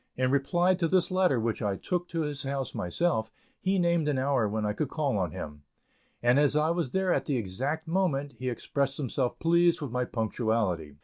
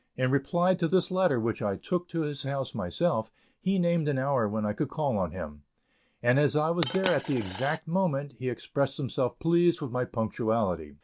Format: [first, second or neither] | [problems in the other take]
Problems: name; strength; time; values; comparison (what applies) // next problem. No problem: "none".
first | background sound (Coin (dropping)); 8 dB below the speech